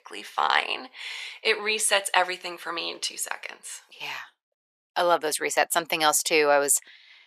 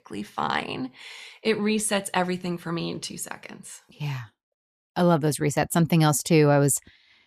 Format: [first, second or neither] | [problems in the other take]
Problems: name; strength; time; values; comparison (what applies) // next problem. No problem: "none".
second | thin; very; fading below 500 Hz